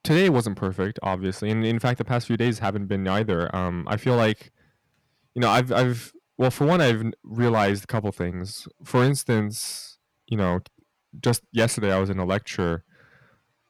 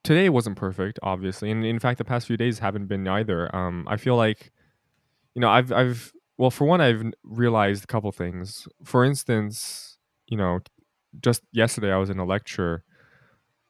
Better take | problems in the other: second | distortion; slight; 4% of the sound clipped

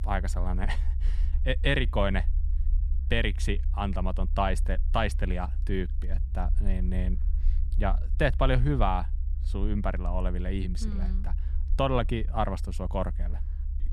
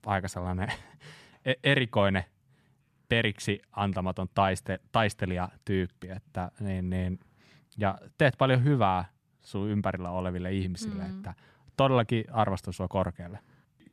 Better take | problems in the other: second | low rumble; faint; throughout; 20 dB below the speech

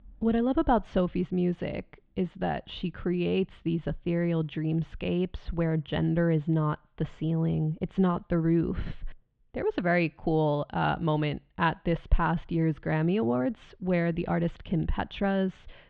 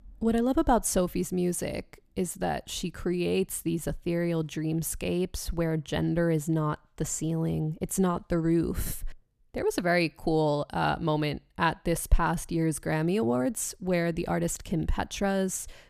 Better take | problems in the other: second | muffled; very; fading above 3.5 kHz

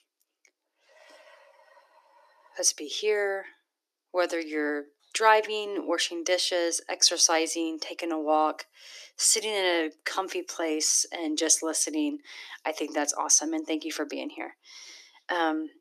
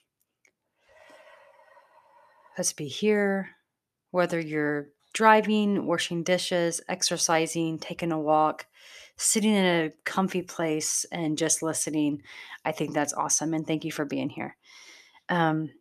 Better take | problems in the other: second | thin; somewhat; fading below 300 Hz

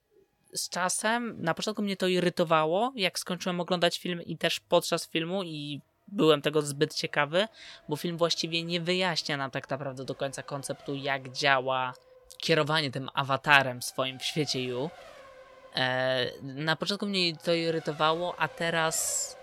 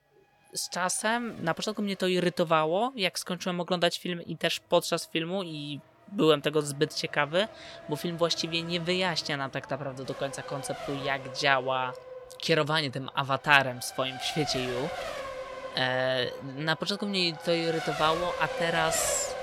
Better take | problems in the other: first | traffic noise; loud; throughout; 10 dB below the speech; faint in the first

